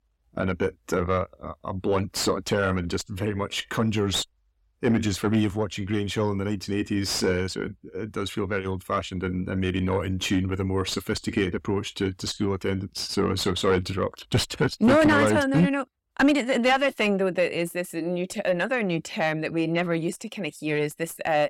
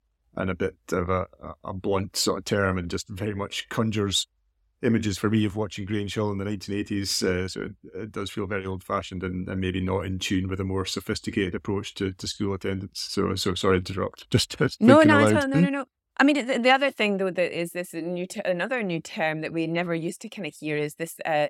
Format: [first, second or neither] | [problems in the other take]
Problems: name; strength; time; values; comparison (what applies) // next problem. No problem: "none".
second | distortion; slight; 10 dB below the speech